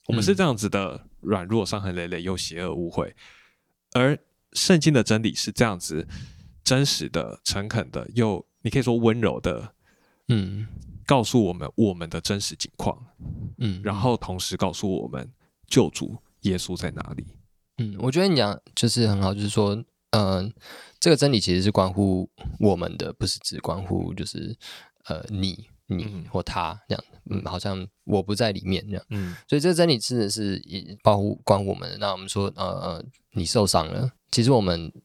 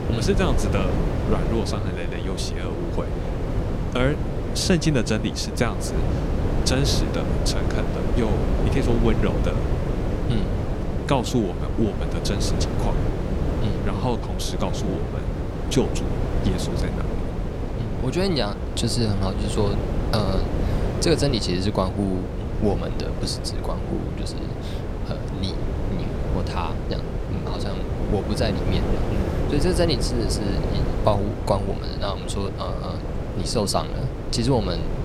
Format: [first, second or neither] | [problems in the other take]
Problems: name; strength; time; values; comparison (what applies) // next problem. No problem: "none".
first | wind noise on the microphone; heavy; 4 dB below the speech